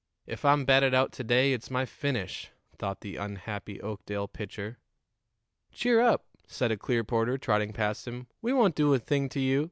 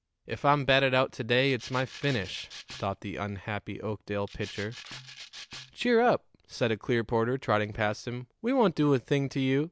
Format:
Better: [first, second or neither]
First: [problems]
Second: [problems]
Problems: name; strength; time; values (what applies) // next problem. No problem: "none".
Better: first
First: none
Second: background sound (Rattle (instrument)); 17 dB below the speech